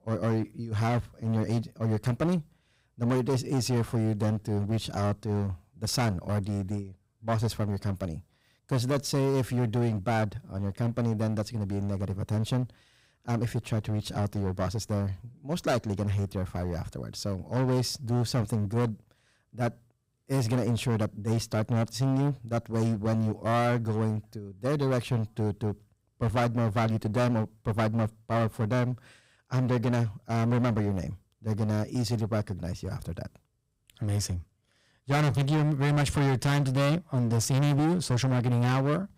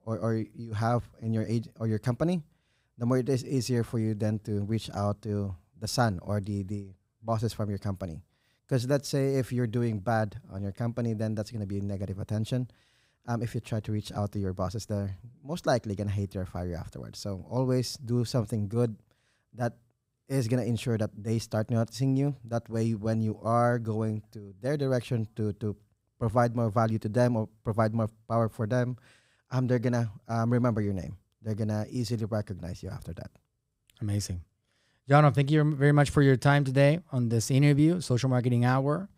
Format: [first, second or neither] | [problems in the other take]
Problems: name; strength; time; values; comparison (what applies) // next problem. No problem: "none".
second | distortion; heavy; 15% of the sound clipped